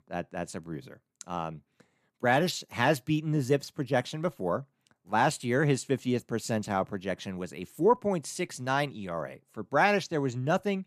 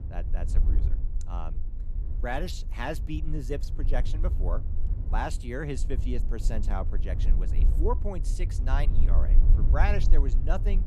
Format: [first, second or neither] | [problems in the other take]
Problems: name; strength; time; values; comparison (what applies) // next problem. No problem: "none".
first | low rumble; noticeable; throughout; 10 dB below the speech